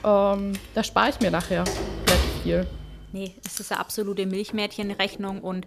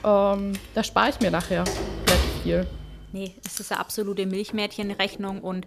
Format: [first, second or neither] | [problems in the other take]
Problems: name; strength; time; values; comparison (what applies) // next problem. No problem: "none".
neither | household noises; loud; throughout; 3 dB below the speech; the same in both